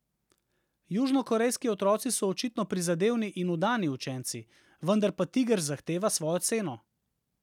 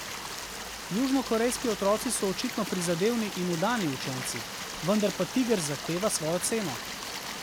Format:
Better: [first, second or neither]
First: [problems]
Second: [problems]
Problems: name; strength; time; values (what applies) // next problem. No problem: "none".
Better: first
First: none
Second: background sound (Stream); 7 dB below the speech